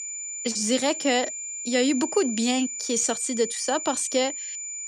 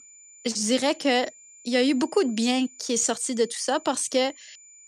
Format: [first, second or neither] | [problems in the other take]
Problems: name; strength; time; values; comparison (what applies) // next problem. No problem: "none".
second | high-pitched whine; loud; throughout; 7 kHz, 6 dB below the speech; faint in the second